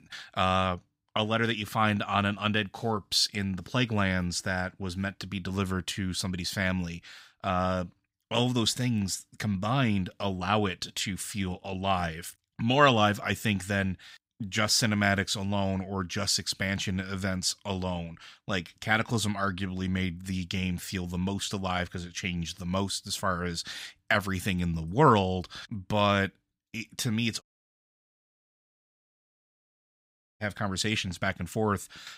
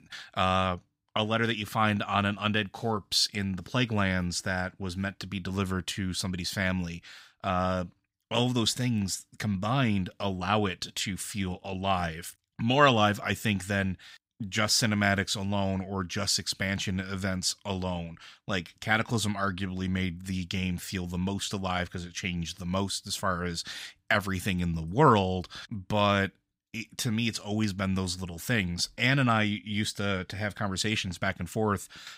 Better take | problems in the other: second | audio cutting out; at 27 s for 3 s

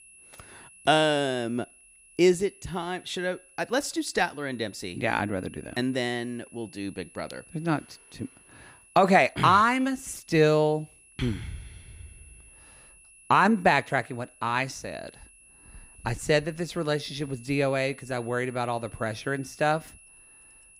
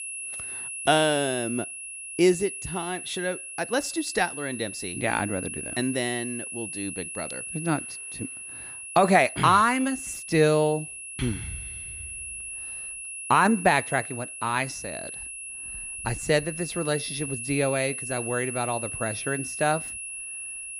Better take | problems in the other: first | high-pitched whine; loud; throughout; 10.5 kHz, 8 dB below the speech; faint in the first

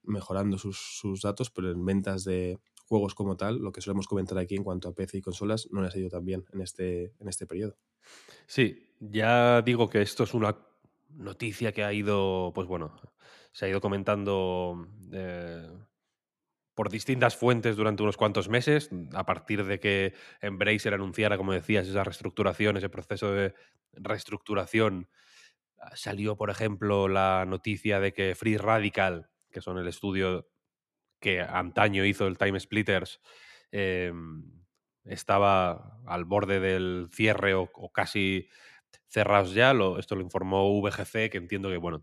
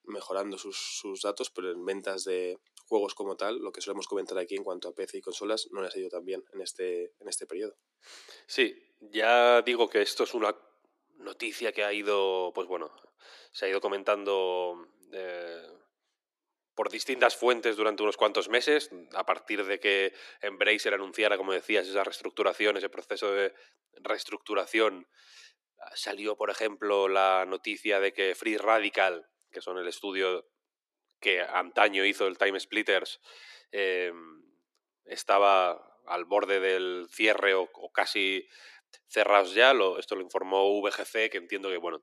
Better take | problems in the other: first | thin; very; fading below 350 Hz

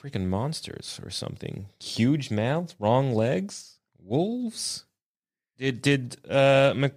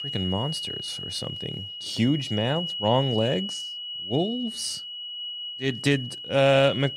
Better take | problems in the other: first | high-pitched whine; loud; throughout; 3 kHz, 6 dB below the speech

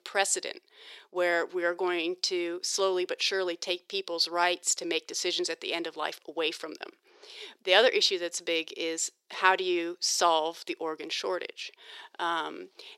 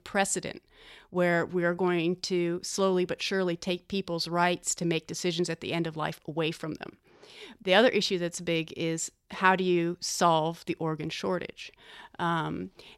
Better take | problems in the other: second | thin; very; fading below 400 Hz

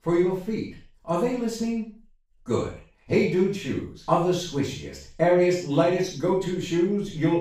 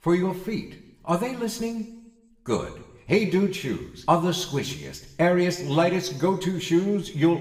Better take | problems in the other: second | room echo; strong; dies away in 0.4 s; slight in the second // off-mic speech; far; somewhat distant in the second

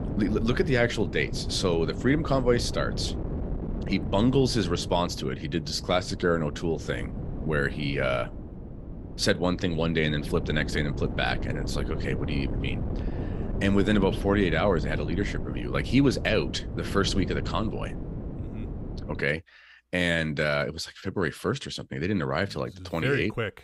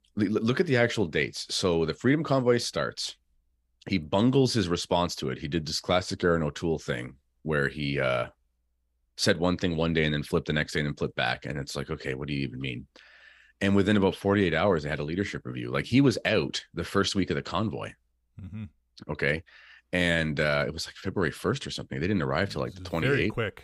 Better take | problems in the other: second | wind noise on the microphone; occasional gusts; until 19 s; 15 dB below the speech

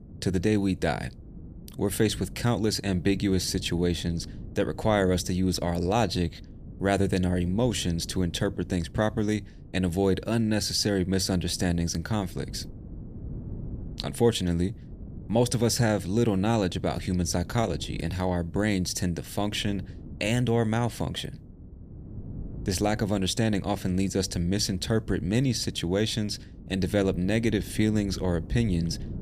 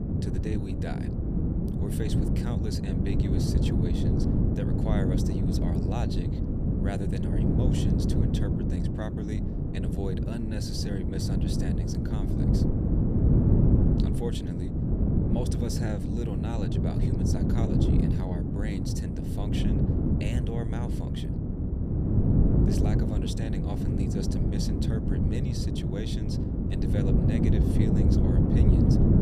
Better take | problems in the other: first | wind noise on the microphone; heavy; 5 dB above the speech; occasional gusts in the first

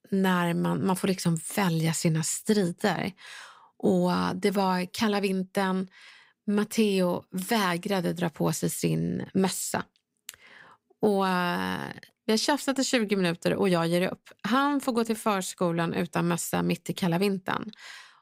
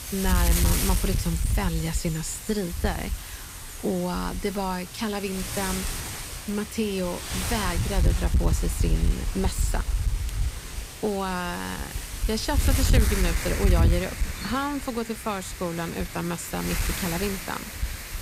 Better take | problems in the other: first | wind noise on the microphone; heavy; 4 dB below the speech

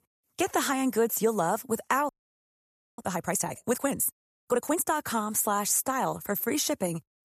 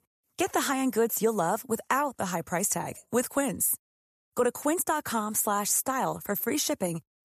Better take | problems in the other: second | audio freezing; at 2 s for 1 s

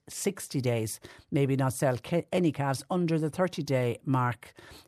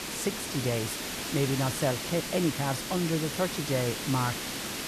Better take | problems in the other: first | hiss; loud; throughout; 3 dB below the speech

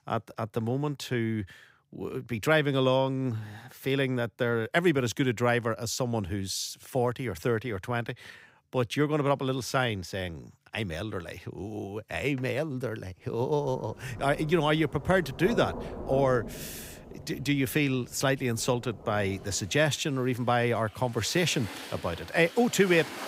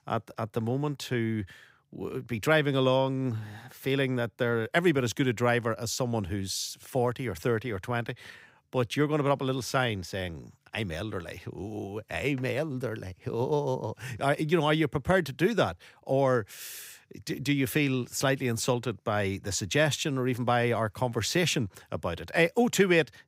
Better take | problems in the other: second | rain or running water; noticeable; from 14 s on; 15 dB below the speech

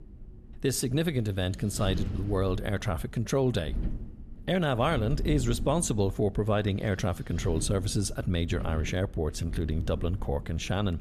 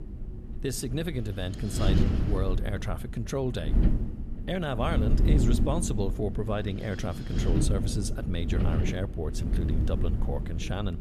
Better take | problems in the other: first | wind noise on the microphone; heavy; 5 dB below the speech; occasional gusts in the first

